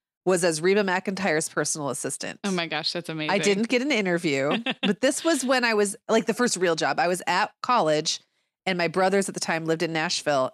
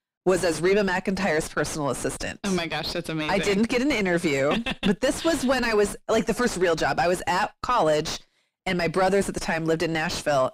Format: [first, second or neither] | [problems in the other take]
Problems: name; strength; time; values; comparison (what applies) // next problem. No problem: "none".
first | distortion; heavy; 4 dB below the speech